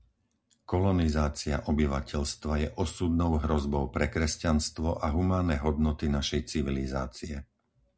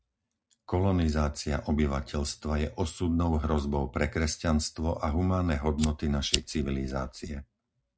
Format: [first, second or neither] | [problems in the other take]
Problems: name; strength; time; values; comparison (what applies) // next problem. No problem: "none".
first | noise reduction (neural mask model RNNoise)